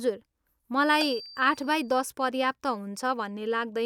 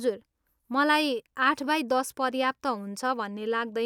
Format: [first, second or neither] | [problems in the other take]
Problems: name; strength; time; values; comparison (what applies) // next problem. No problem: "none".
second | background sound (Marimba, xylophone); 13 dB below the speech